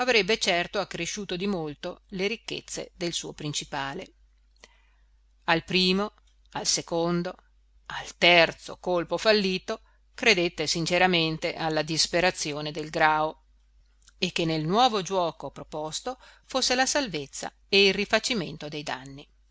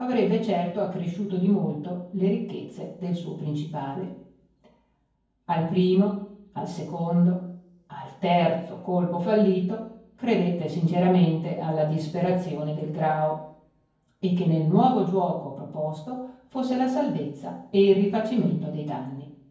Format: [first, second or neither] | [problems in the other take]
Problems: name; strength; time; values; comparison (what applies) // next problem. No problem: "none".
first | room echo; dies away in 0.9 s